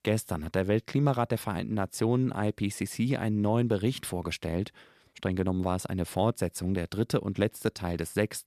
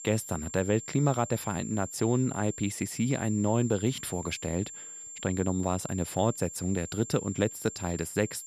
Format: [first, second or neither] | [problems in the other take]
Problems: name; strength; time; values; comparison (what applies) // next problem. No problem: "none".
first | high-pitched whine; noticeable; throughout; 7.5 kHz, 10 dB below the speech